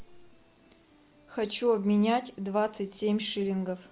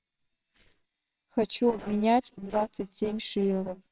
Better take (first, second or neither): first